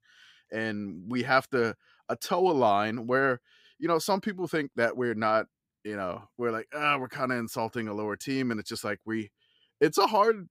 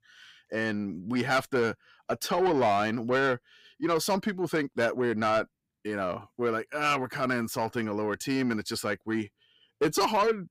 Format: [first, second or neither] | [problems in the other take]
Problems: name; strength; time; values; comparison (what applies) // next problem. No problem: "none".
first | distortion; slight; 10 dB below the speech